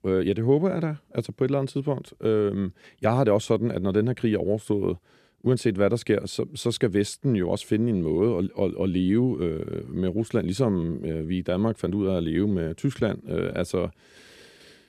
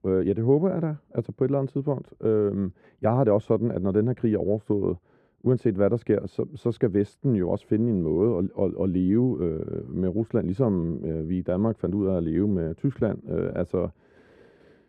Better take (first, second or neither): first